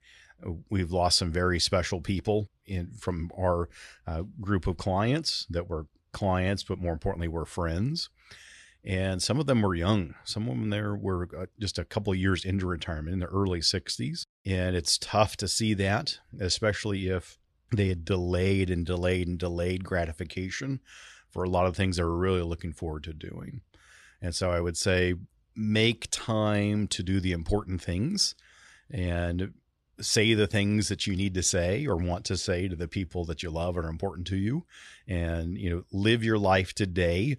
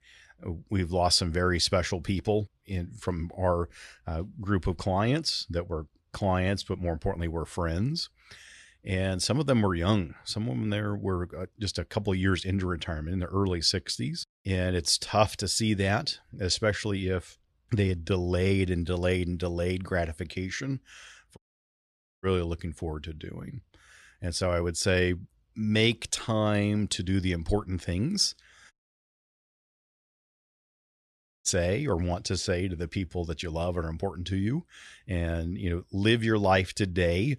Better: first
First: none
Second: audio cutting out; at 21 s for 1 s and at 29 s for 2.5 s

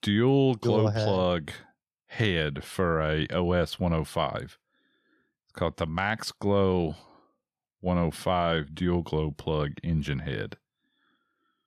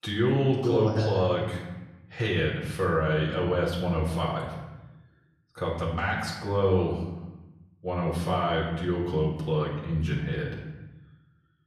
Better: first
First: none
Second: off-mic speech; far // room echo; noticeable; dies away in 1 s

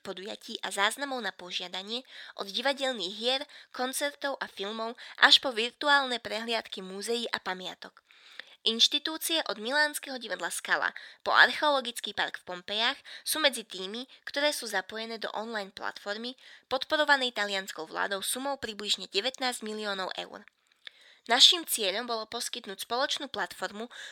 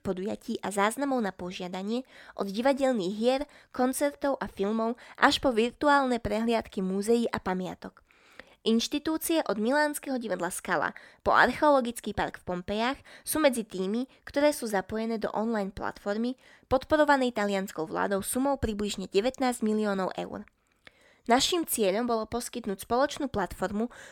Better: second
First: thin; somewhat; fading below 750 Hz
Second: none

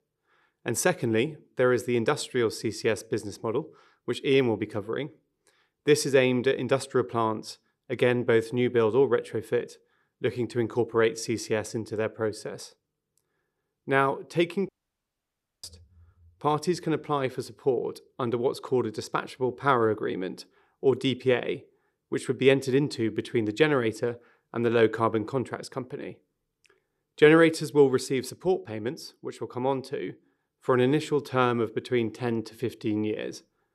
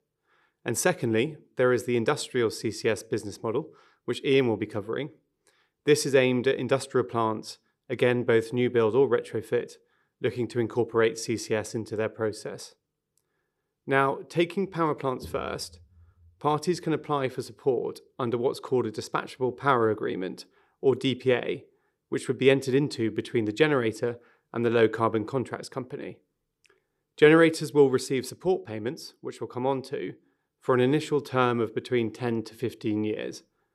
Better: second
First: audio cutting out; at 15 s for 1 s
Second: none

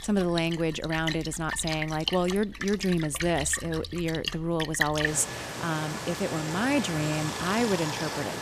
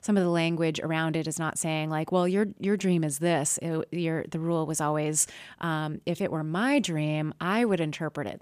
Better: second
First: rain or running water; loud; throughout; 5 dB below the speech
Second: none

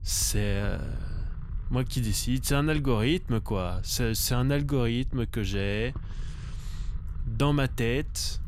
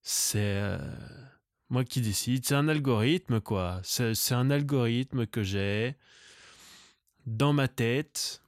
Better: second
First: low rumble; faint; throughout; 25 dB below the speech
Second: none

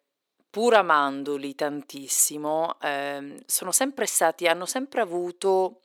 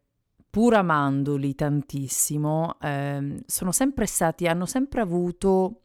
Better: second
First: thin; somewhat; fading below 400 Hz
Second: none

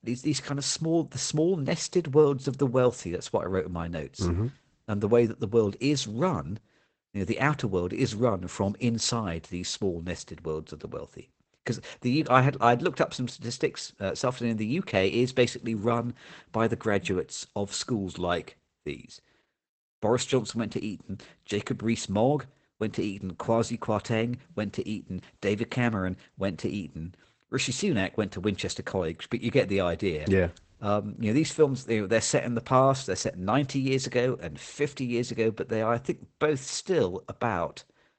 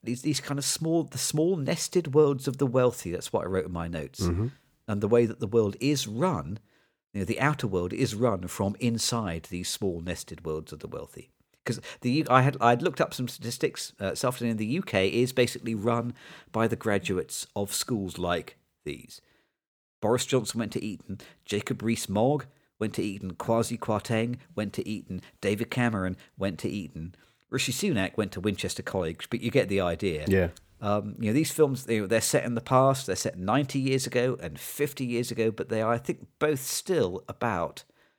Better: second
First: garbled, watery; badly; nothing above 8 kHz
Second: none

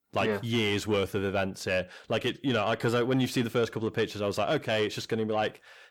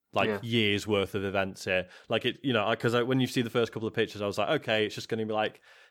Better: second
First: distortion; slight; 10 dB below the speech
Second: none

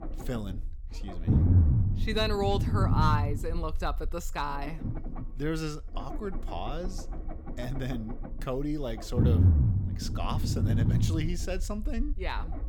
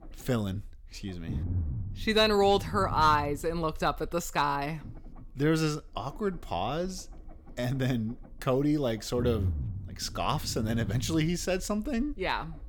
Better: second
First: low rumble; loud; throughout; 6 dB below the speech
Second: low rumble; faint; throughout; 20 dB below the speech

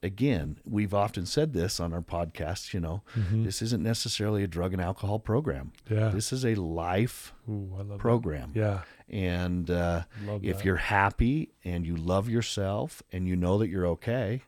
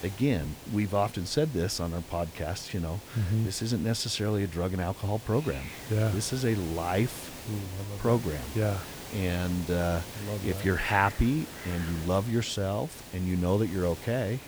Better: first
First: none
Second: hiss; noticeable; throughout; 15 dB below the speech

